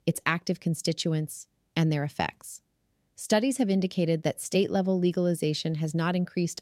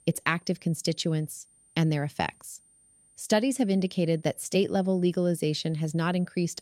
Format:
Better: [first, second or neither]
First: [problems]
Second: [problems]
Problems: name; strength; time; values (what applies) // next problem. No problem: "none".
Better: first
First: none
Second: high-pitched whine; faint; throughout; 9 kHz, 30 dB below the speech